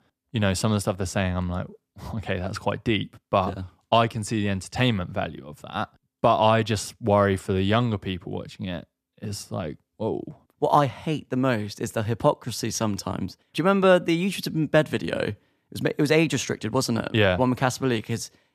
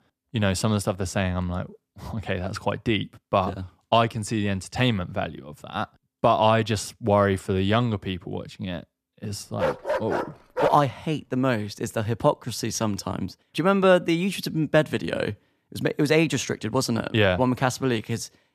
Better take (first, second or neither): first